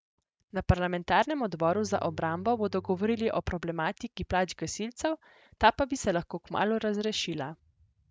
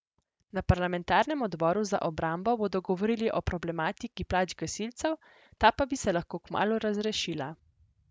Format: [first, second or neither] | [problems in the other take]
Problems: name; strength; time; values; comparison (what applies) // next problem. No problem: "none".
second | noise reduction (neural mask model RNNoise)